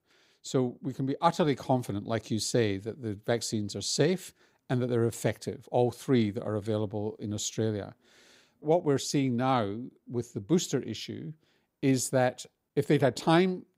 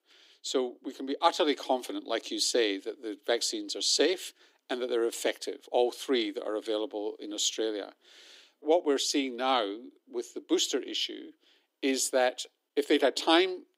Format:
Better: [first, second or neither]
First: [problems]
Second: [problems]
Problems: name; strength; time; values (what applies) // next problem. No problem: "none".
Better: first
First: none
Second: thin; somewhat; fading below 300 Hz